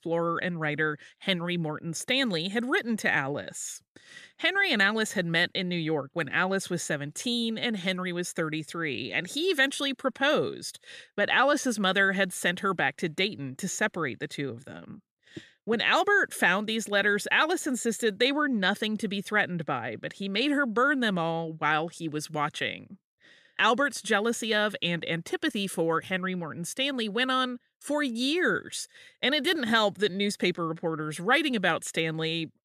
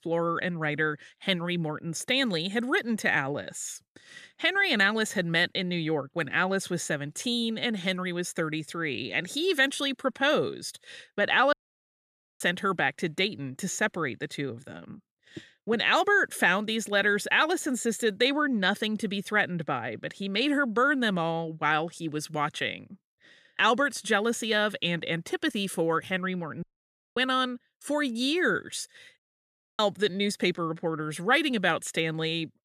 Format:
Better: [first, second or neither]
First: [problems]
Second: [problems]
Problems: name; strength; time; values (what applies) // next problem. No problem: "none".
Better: first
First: none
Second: audio cutting out; at 12 s for 1 s, at 27 s for 0.5 s and at 29 s for 0.5 s